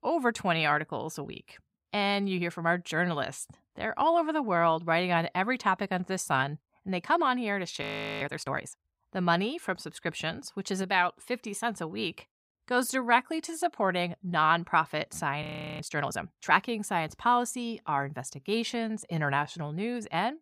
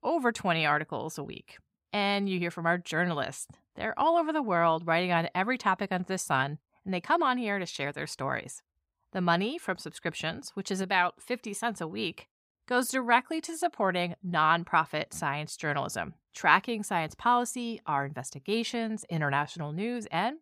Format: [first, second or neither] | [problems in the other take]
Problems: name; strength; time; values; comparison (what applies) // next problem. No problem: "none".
second | audio freezing; at 8 s and at 15 s